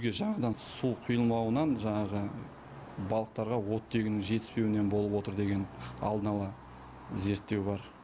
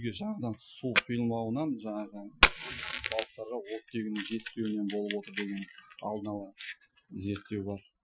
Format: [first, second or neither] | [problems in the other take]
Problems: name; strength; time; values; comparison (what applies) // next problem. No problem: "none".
first | noise reduction (classical method Wiener filter)